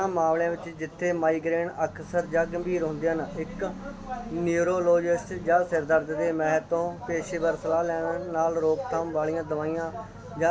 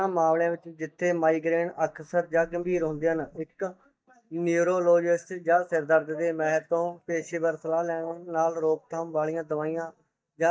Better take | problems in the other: first | noise reduction (neural mask model DeepFilterNet 3)

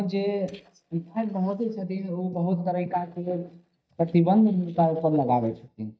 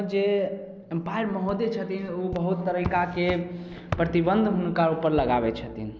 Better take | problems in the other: second | noise reduction (neural mask model DeepFilterNet 3)

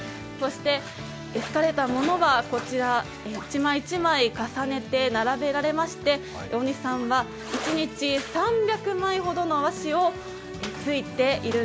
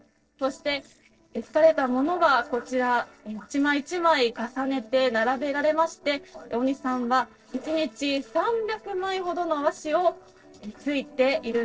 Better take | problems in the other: first | noise reduction (neural separator model SepFormer DNS4)

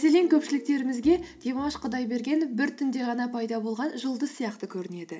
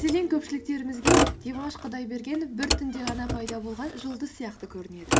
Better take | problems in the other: first | background sound (Motor vehicle (road)); 1 dB above the speech

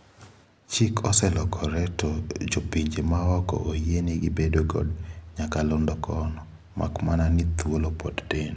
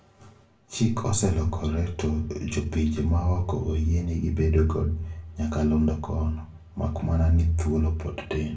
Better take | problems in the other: first | room echo; dies away in 0.2 s

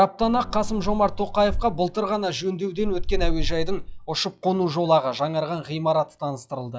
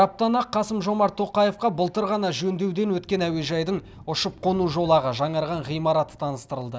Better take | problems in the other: second | noise reduction (classical method log-MMSE)

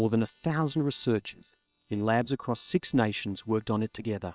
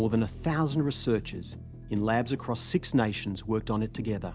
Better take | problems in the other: second | noise reduction (neural separator model SepFormer WHAM!)

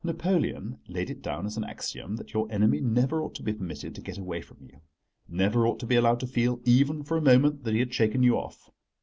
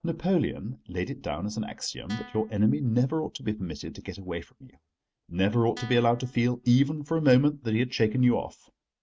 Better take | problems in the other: first | noise reduction (neural mask model RNNoise)

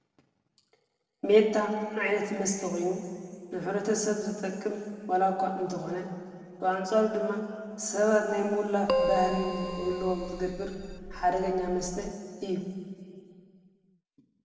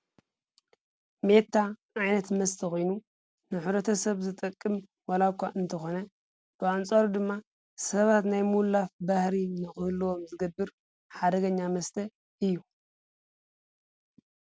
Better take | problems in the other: second | background sound (Keyboard (musical)); 4 dB below the speech // room echo; dies away in 2 s

